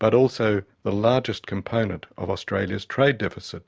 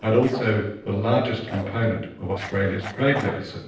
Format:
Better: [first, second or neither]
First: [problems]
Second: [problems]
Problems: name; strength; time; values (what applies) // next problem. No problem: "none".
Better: first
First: none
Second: noise reduction (neural separator model SepFormer DNS4)